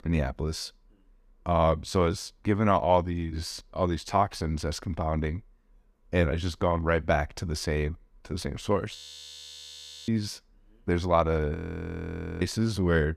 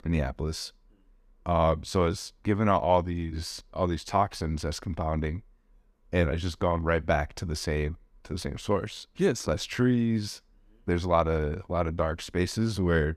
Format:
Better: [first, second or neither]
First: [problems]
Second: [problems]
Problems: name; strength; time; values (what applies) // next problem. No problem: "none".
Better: second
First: audio freezing; at 9 s for 1 s and at 12 s for 1 s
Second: none